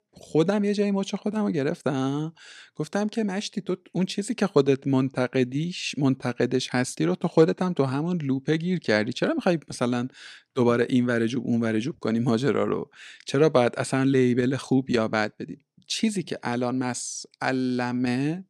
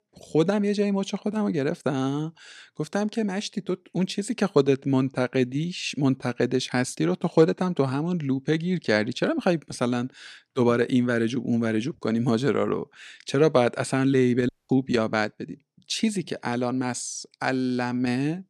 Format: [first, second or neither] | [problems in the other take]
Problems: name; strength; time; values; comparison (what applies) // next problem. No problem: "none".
first | audio cutting out; at 14 s